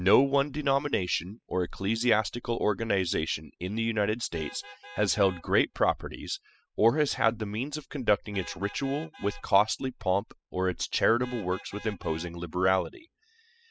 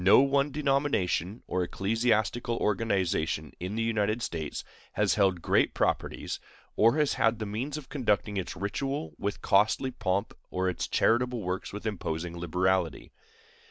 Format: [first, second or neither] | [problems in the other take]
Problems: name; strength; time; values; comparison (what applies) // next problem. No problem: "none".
second | noise reduction (classical method spectral subtraction)